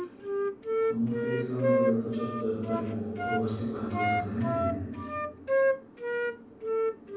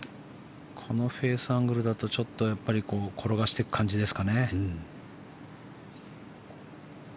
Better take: second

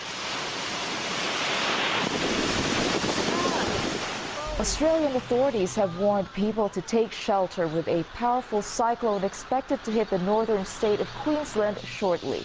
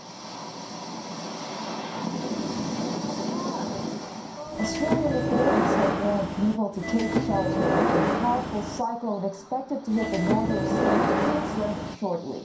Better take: first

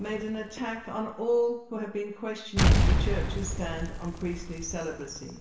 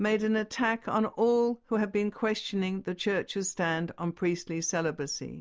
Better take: second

